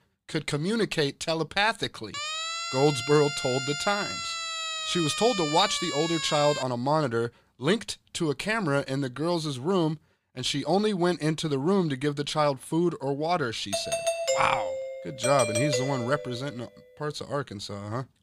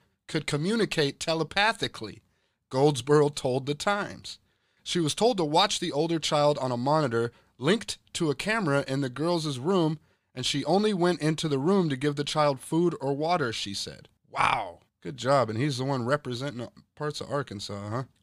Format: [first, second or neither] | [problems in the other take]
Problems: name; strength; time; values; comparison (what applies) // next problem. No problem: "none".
second | siren; noticeable; from 2 to 6.5 s; peak 2 dB below the speech // doorbell; loud; from 14 to 16 s; peak 1 dB above the speech